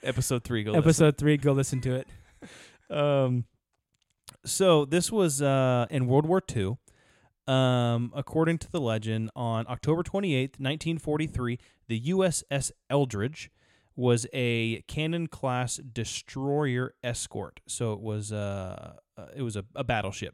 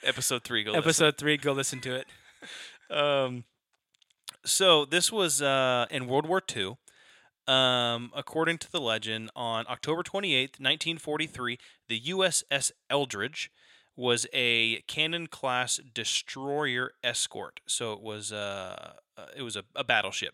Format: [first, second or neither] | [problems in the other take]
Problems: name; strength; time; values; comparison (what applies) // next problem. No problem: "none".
first | thin; somewhat; fading below 800 Hz